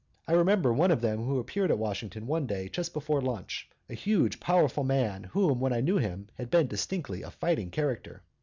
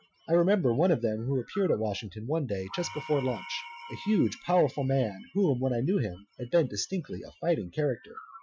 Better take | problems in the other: first | noise reduction (classical method Wiener filter)

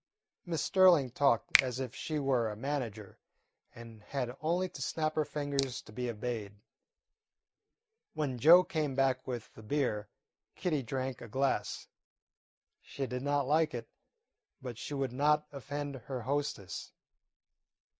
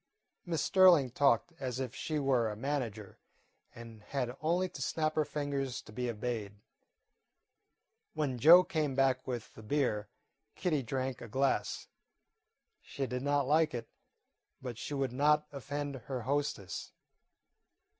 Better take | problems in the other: second | noise reduction (neural mask model Resemble Enhance denoiser)

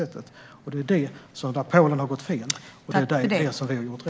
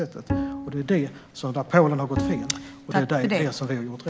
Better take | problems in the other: first | background sound (Bowed string instrument); 7 dB below the speech

